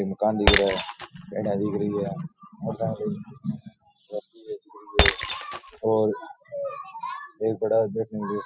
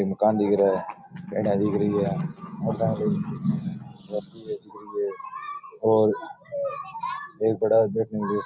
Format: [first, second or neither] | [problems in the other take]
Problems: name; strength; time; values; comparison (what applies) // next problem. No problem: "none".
second | noise reduction (classical method spectral subtraction)